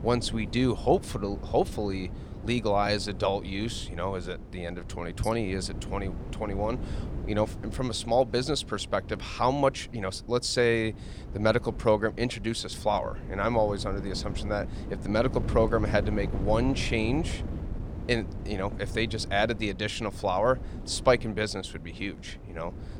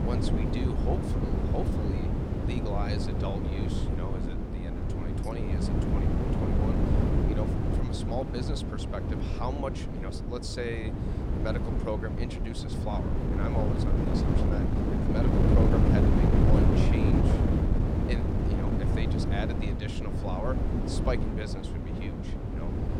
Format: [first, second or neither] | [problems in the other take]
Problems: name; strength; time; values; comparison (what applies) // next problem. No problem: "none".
first | wind noise on the microphone; heavy; 3 dB above the speech; occasional gusts in the first